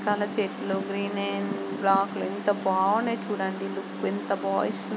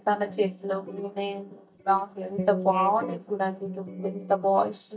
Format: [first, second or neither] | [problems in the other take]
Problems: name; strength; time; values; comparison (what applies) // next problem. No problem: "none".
first | noise reduction (neural mask model DeepFilterNet 3)